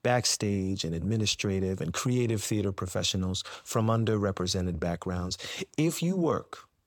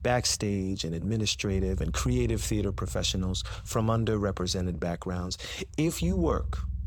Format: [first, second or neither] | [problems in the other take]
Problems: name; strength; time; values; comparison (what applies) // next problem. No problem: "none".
first | low rumble; faint; throughout; 25 dB below the speech